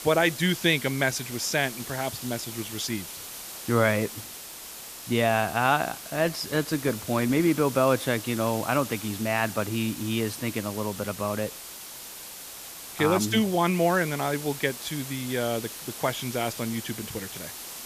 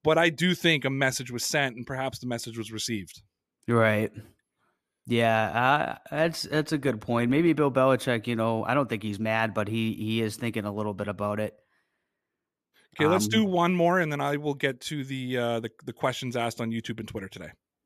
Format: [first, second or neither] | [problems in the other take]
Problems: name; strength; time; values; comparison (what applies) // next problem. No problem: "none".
second | hiss; noticeable; throughout; 10 dB below the speech